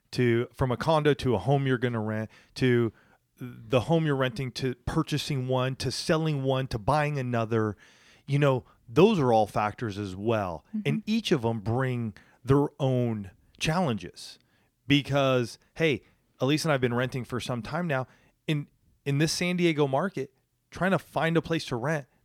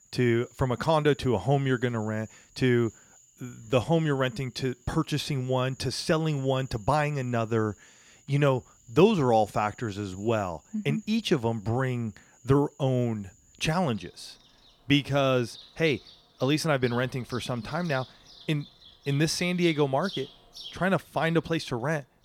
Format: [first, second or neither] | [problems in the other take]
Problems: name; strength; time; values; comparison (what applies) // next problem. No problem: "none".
first | animal sounds; faint; throughout; 20 dB below the speech